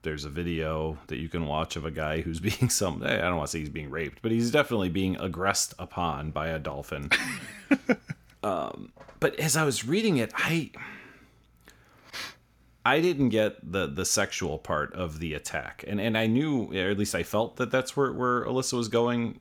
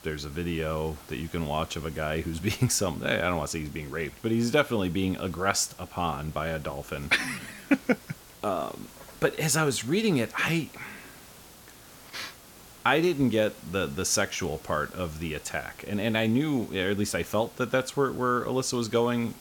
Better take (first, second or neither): first